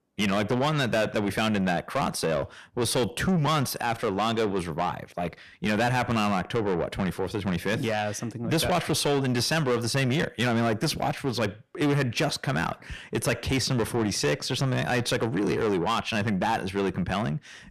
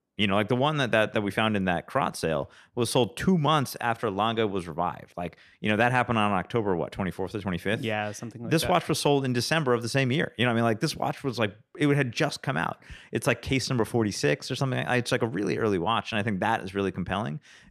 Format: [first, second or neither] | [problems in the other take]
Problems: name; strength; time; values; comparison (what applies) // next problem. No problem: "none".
second | distortion; heavy; 7 dB below the speech